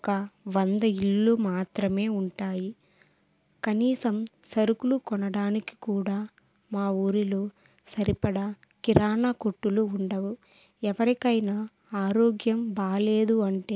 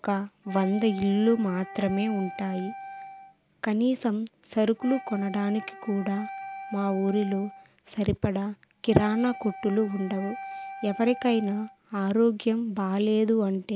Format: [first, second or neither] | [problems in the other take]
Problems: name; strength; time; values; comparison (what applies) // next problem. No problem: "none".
first | background sound (Wind instrument, woodwind instrument); 14 dB below the speech